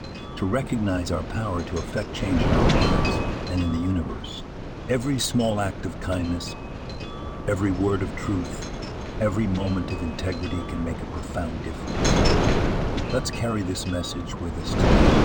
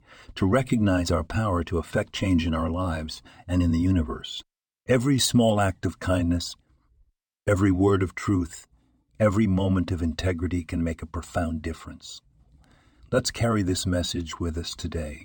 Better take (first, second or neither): second